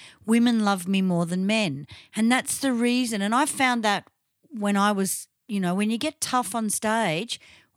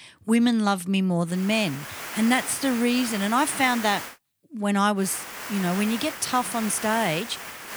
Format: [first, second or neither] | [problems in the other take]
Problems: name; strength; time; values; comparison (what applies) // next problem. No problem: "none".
first | hiss; loud; from 1.5 to 4 s and from 5 s on; 10 dB below the speech